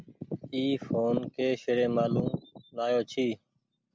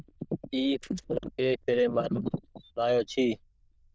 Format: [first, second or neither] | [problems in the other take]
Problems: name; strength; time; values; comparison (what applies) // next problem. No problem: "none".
first | noise reduction (neural diffusion model UNIVERSE++)